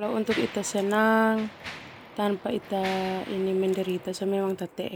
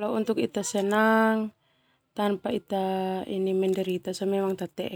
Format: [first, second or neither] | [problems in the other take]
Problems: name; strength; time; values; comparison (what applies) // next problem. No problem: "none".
second | background sound (Mechanisms); 15 dB below the speech